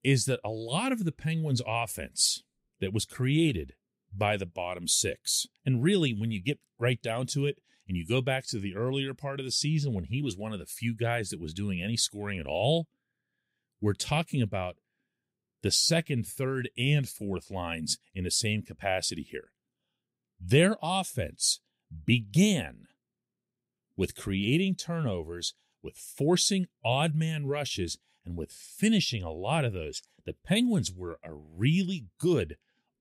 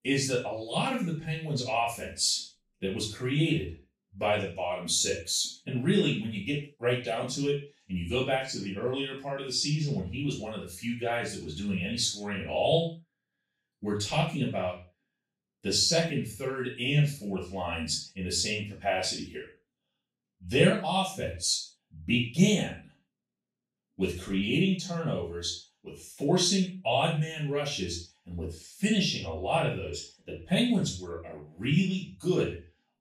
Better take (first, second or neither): first